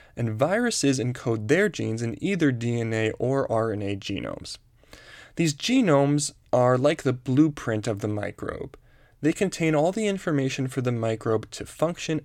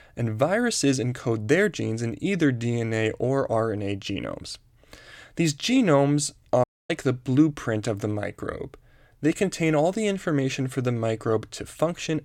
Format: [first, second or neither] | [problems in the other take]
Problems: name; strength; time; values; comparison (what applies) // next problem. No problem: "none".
first | audio cutting out; at 6.5 s